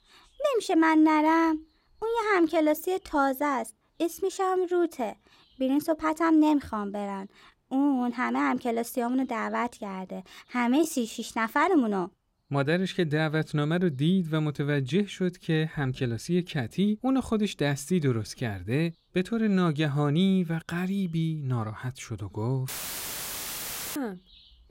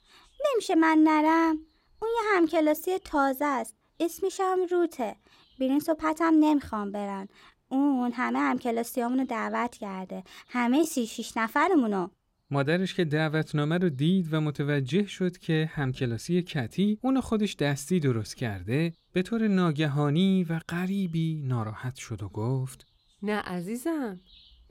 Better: second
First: audio cutting out; filled with static; at 23 s for 1.5 s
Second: none

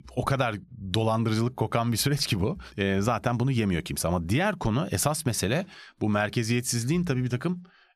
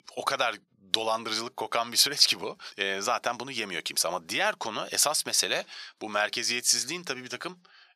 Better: first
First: none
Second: thin; very; fading below 550 Hz

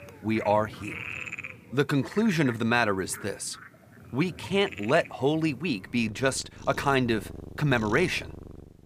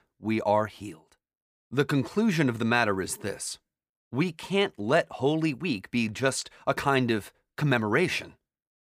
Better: second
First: animal sounds; noticeable; throughout; 15 dB below the speech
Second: none

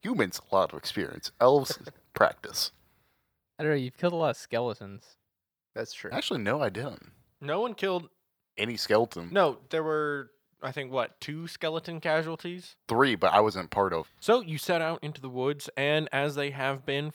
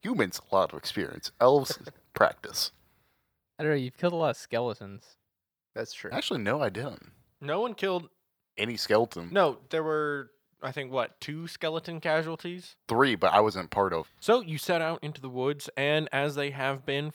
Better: neither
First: none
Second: none

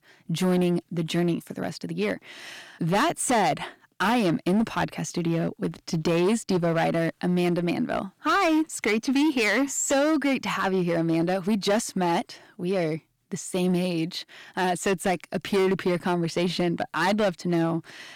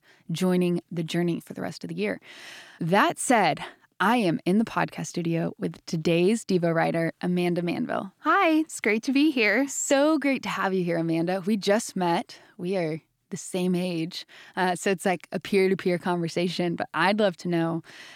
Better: second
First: distortion; slight; 10% of the sound clipped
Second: none

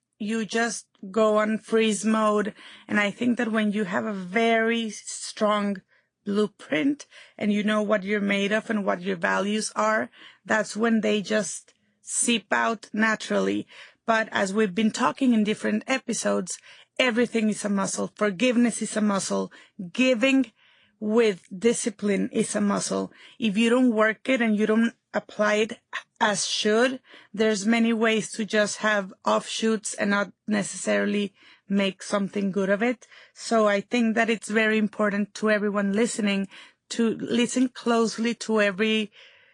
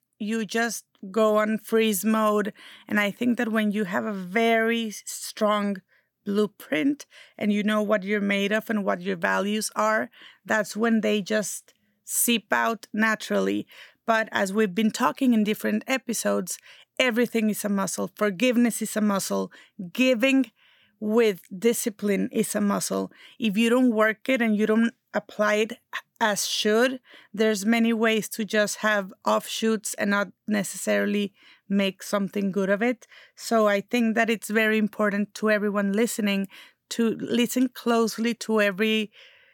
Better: second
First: garbled, watery; slightly; nothing above 9 kHz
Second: none

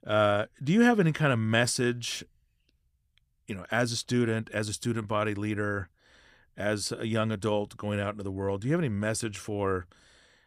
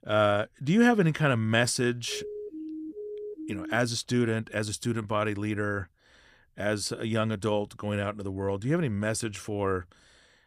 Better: first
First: none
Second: siren; faint; from 2 to 4 s; peak 10 dB below the speech

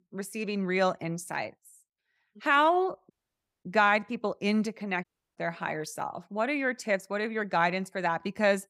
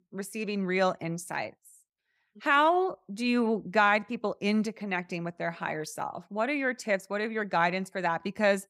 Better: second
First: audio cutting out; at 3 s for 0.5 s and at 5 s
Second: none

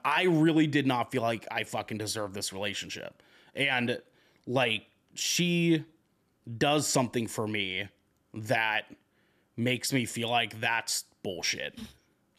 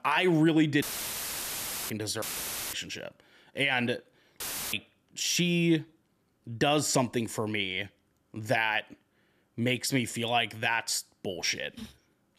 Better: first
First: none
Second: audio cutting out; filled with static; at 1 s for 1 s, at 2 s for 0.5 s and at 4.5 s

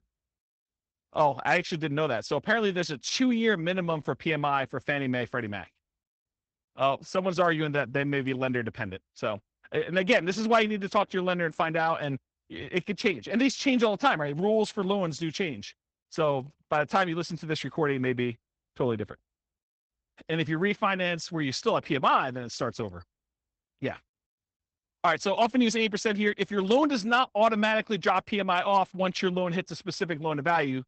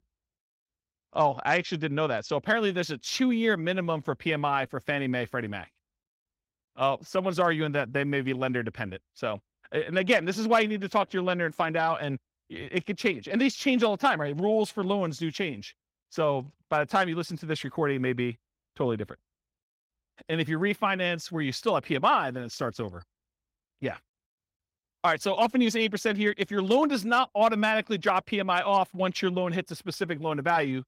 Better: second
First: garbled, watery; badly; nothing above 7.5 kHz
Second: garbled, watery; slightly; nothing above 16 kHz

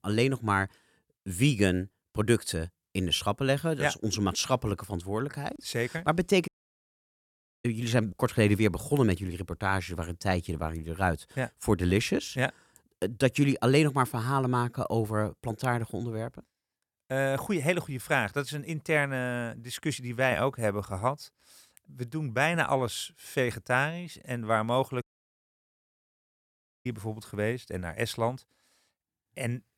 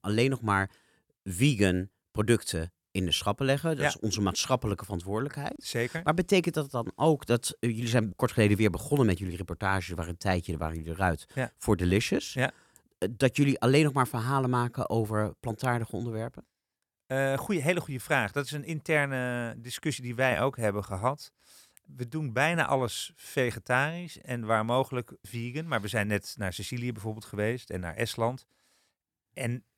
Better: second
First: audio cutting out; at 6.5 s for 1 s and at 25 s for 2 s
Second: none

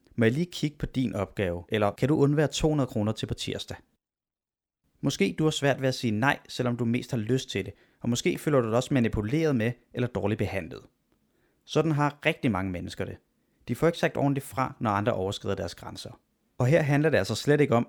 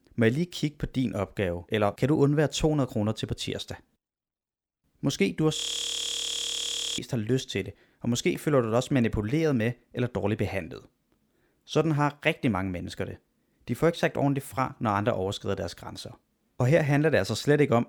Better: first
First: none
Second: audio freezing; at 5.5 s for 1.5 s

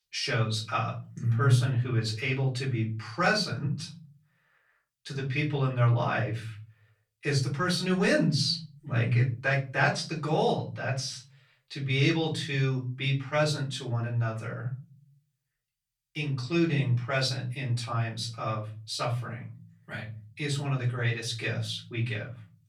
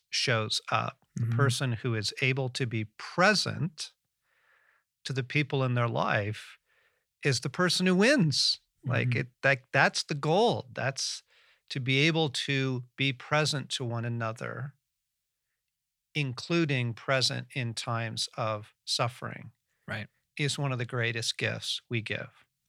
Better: second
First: off-mic speech; far // room echo; slight; dies away in 0.4 s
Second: none

